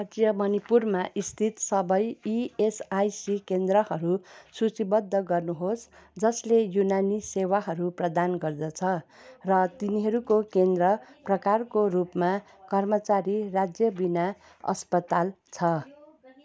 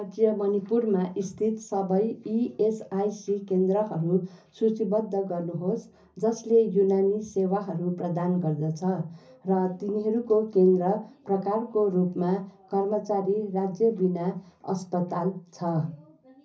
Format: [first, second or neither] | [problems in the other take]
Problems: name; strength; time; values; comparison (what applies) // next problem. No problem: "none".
first | room echo; dies away in 0.5 s